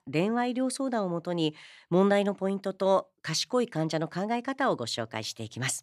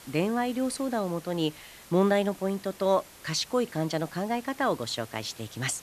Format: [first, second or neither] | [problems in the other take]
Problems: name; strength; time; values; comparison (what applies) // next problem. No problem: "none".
first | hiss; noticeable; throughout; 20 dB below the speech